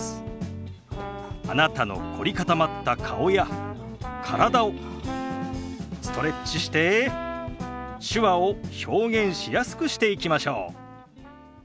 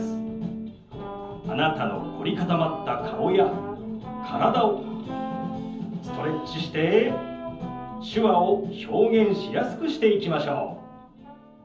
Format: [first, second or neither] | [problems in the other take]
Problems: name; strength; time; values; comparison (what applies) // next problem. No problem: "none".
first | room echo; dies away in 0.7 s